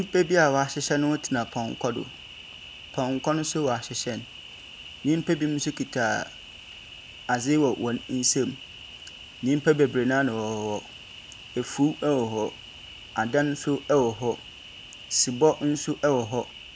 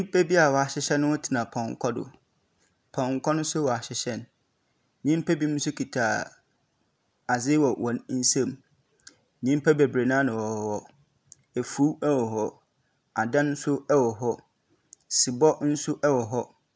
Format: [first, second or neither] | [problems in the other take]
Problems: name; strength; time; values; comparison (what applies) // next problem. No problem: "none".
second | background sound (Cricket); 17 dB below the speech